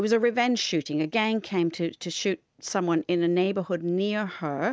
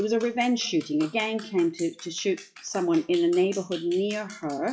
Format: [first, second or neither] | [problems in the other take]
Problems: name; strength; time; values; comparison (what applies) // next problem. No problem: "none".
first | noise reduction (classical method WPE with log-MMSE)